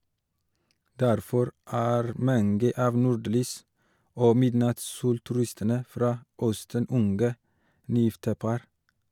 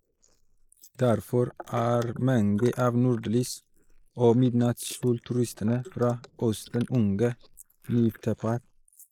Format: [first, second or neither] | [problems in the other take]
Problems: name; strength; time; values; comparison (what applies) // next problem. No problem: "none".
first | noise reduction (neural mask model Resemble Enhance denoiser)